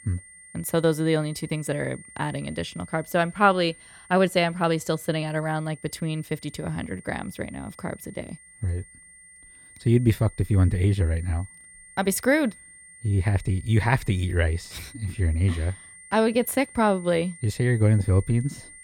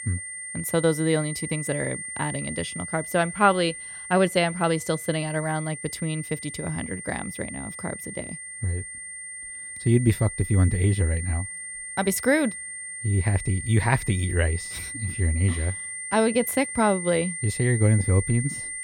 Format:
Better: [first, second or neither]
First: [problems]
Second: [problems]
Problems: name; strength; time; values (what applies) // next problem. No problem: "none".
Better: first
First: high-pitched whine; faint; throughout; 2 kHz, 20 dB below the speech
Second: high-pitched whine; loud; throughout; 2 kHz, 8 dB below the speech